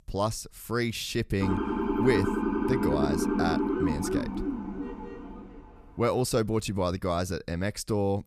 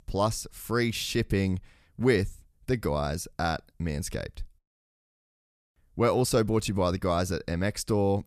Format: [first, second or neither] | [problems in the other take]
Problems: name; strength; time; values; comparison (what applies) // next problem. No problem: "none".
second | siren; loud; from 1.5 to 5.5 s; peak 3 dB above the speech